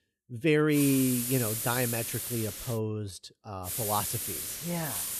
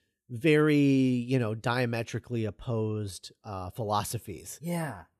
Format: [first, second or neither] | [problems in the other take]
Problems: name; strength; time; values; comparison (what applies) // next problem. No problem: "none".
second | hiss; loud; from 0.5 to 3 s and from 3.5 s on; 2 dB below the speech